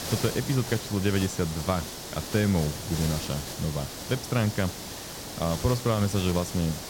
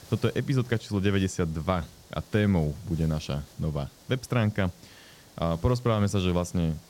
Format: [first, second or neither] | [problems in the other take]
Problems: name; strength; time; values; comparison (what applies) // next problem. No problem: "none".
second | hiss; loud; throughout; 7 dB below the speech; faint in the second